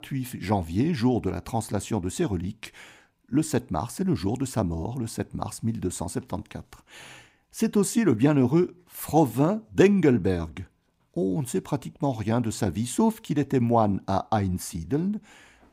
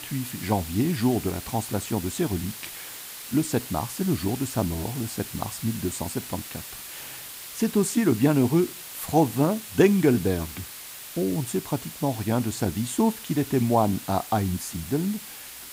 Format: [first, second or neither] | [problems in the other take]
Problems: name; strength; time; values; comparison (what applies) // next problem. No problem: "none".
first | hiss; noticeable; throughout; 10 dB below the speech